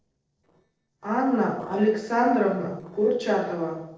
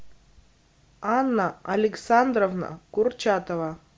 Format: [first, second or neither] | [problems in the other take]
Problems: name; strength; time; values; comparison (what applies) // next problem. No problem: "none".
second | noise reduction (neural separator model SepFormer DNS4)